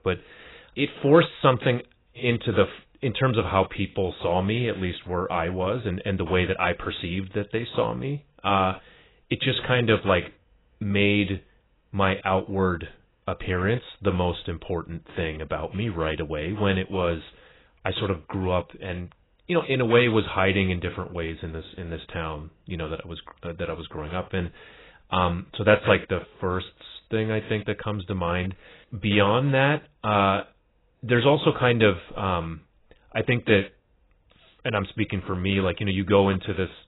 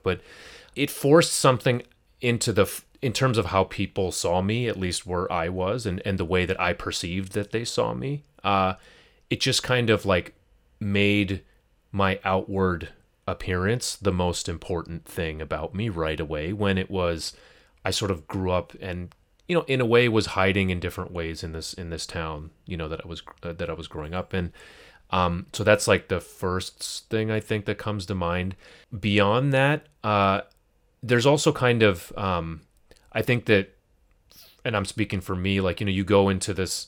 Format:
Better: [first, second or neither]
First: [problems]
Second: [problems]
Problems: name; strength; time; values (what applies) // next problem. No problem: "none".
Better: second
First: garbled, watery; badly; nothing above 4 kHz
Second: none